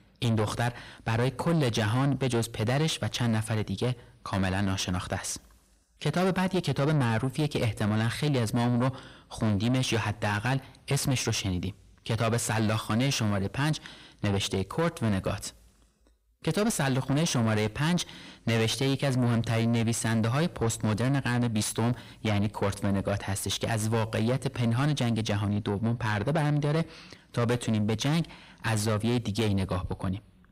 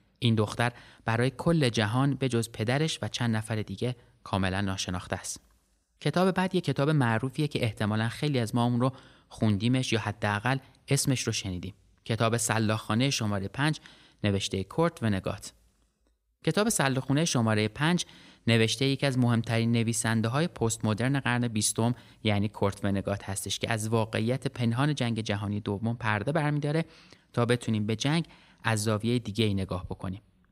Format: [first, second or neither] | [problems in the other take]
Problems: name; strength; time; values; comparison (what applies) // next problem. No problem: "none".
second | distortion; heavy; 7 dB below the speech